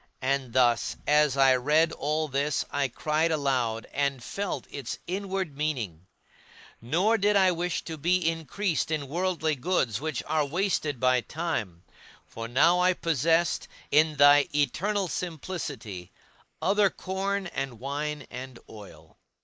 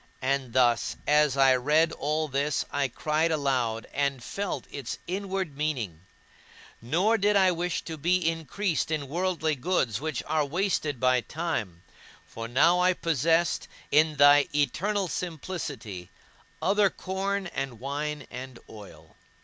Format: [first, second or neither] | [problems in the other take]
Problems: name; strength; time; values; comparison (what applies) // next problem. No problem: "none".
second | noise reduction (neural mask model Resemble Enhance denoiser)